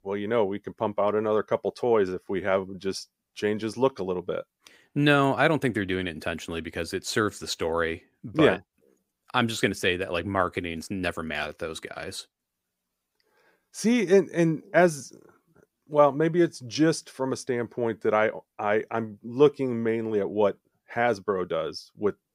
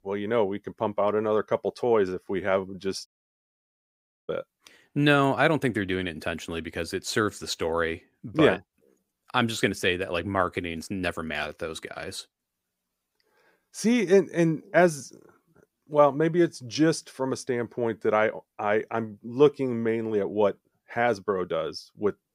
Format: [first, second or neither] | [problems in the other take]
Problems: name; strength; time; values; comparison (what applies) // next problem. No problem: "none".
first | audio cutting out; at 3 s for 1 s